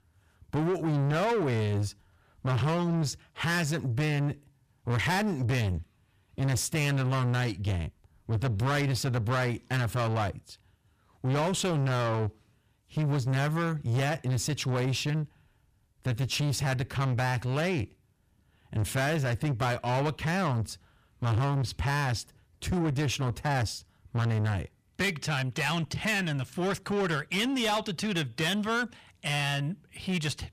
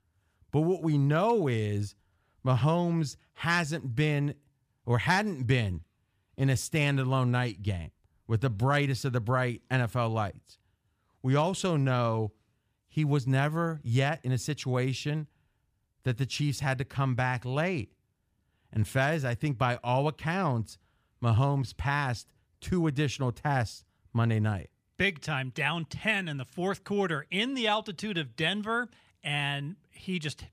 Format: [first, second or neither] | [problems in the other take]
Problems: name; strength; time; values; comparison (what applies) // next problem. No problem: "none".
second | distortion; heavy; 7 dB below the speech